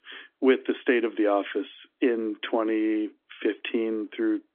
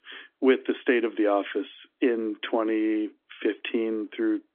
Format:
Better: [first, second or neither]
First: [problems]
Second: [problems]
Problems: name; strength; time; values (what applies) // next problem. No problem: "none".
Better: neither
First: phone-call audio; nothing above 3.5 kHz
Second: phone-call audio; nothing above 3.5 kHz